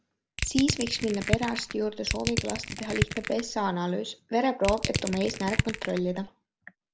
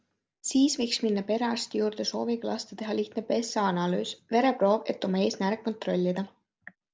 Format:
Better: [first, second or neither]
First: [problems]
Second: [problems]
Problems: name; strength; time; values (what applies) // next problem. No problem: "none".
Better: second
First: background sound (Crushing); 3 dB below the speech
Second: none